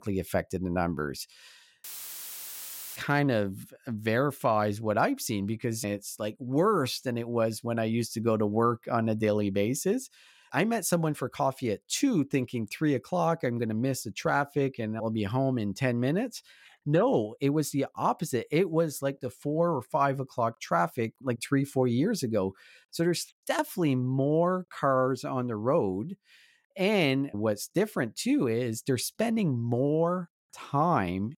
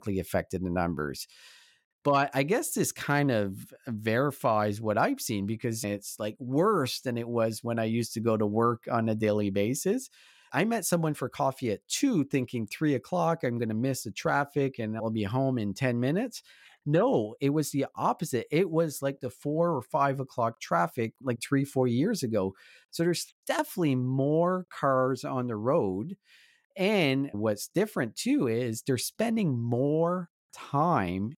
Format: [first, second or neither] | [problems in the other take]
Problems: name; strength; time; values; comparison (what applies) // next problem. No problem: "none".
second | audio cutting out; filled with static; at 2 s for 1 s